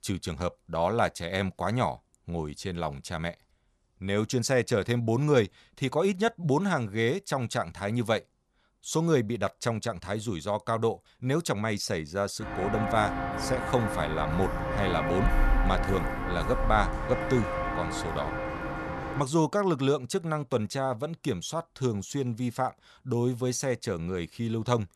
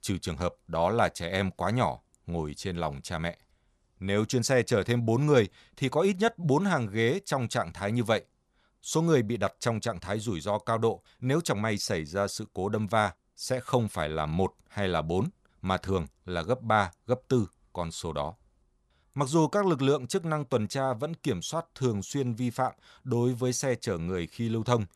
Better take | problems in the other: second | footsteps; loud; from 12 to 19 s; peak 2 dB above the speech

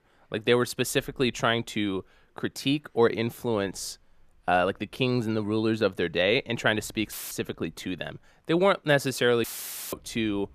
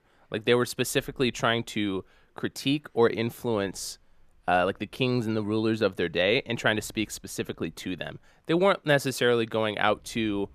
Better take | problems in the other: second | audio cutting out; filled with static; at 7 s and at 9.5 s

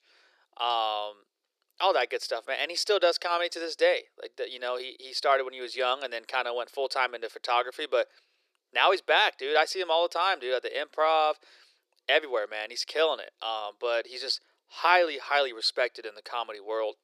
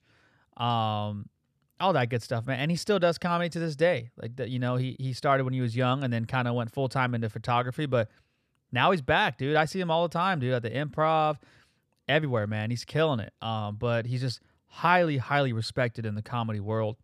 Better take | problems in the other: second | thin; very; fading below 350 Hz

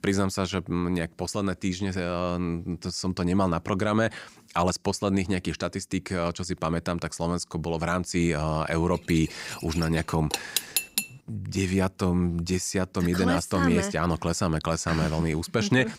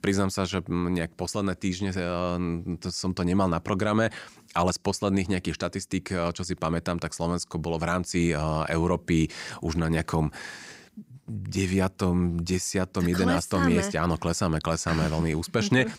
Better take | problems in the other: second | clattering dishes; loud; from 9 to 11 s; peak 1 dB above the speech

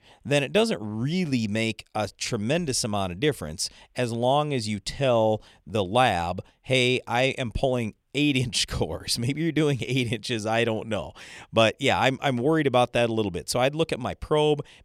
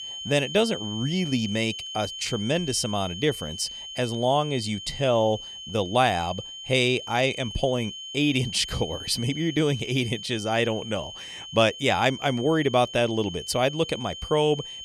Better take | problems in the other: first | high-pitched whine; loud; throughout; 3 kHz, 10 dB below the speech

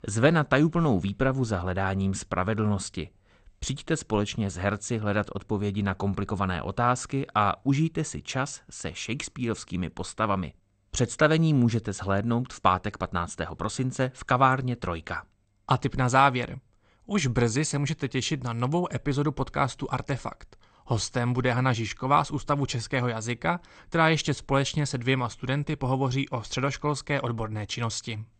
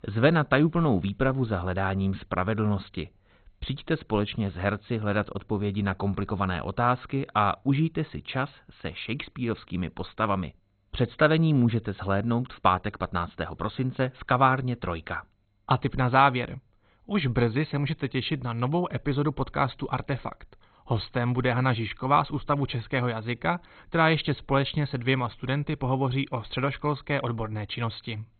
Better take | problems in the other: first | garbled, watery; badly; nothing above 4 kHz; slightly in the first

